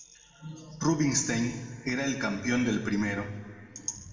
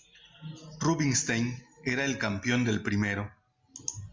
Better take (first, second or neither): second